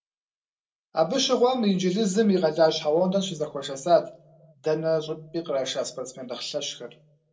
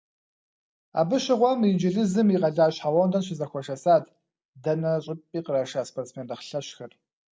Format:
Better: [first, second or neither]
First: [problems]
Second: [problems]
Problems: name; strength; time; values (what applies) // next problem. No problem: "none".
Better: second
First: room echo; dies away in 0.2 s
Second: none